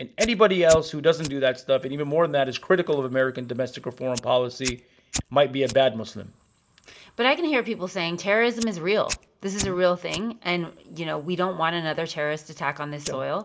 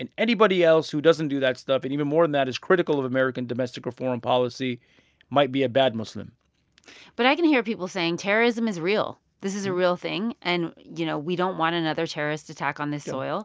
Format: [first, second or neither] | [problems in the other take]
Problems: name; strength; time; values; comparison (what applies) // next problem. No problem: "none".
second | background sound (Fire); 16 dB below the speech // room echo; dies away in 0.3 s